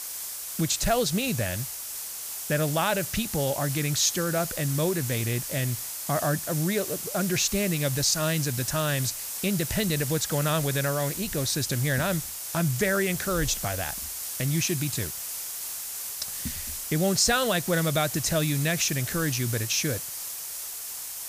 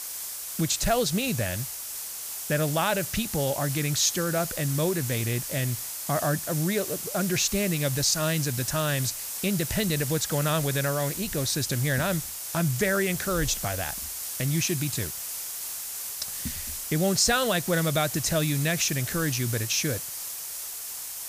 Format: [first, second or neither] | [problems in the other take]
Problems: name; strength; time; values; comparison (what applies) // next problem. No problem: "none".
neither | hiss; loud; throughout; 5 dB below the speech; the same in both